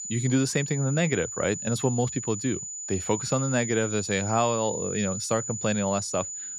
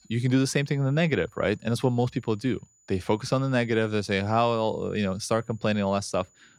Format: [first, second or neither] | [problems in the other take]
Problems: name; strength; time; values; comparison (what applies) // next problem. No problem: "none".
second | high-pitched whine; loud; throughout; 7 kHz, 5 dB below the speech; faint in the second